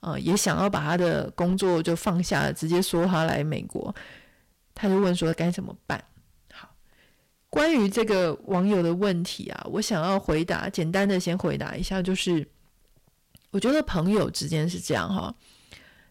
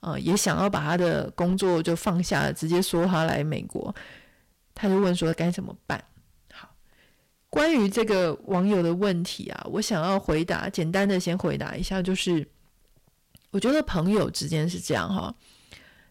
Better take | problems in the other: neither | distortion; slight; 9% of the sound clipped; the same in both

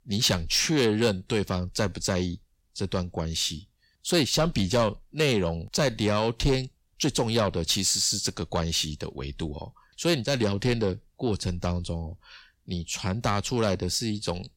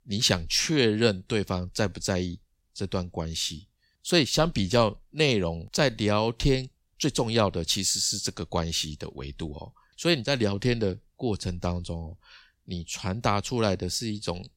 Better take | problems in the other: second | distortion; slight; 10 dB below the speech

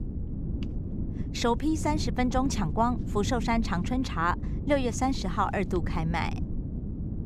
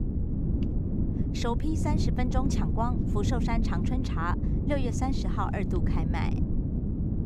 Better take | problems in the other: first | wind noise on the microphone; heavy; 4 dB below the speech; occasional gusts in the first

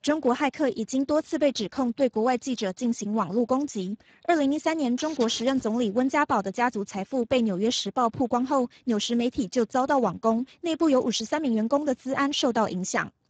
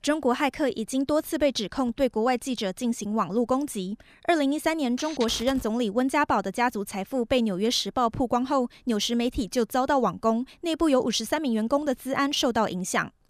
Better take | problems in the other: second | garbled, watery; badly; nothing above 7.5 kHz

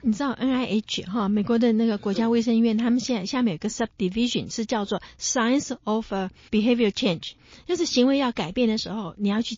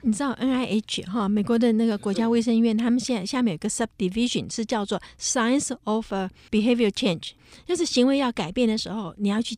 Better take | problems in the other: second | garbled, watery; slightly; nothing above 6 kHz

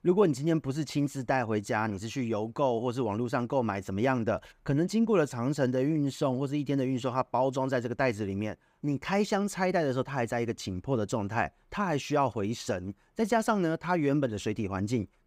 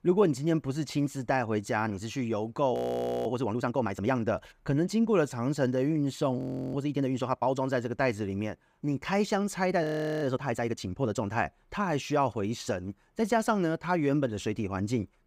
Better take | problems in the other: first | audio freezing; at 2.5 s for 0.5 s, at 6.5 s and at 10 s

